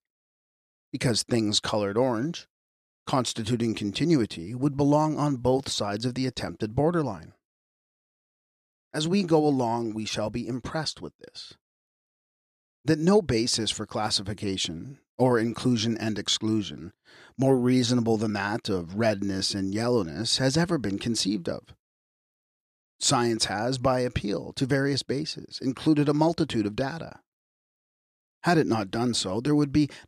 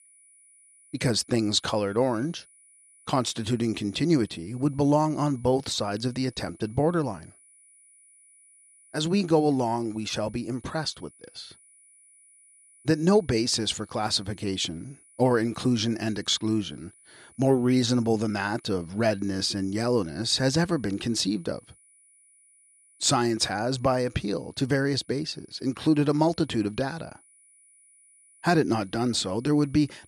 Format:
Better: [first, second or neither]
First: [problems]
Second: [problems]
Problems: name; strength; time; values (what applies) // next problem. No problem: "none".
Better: first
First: none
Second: high-pitched whine; faint; throughout; 10 kHz, 30 dB below the speech